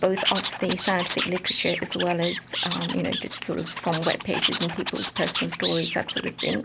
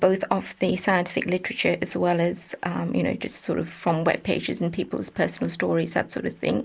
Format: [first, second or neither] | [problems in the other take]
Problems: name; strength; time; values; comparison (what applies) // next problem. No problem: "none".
second | background sound (Animal); 3 dB below the speech